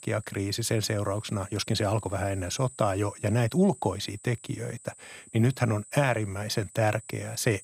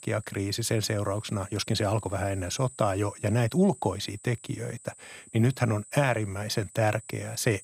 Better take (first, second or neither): neither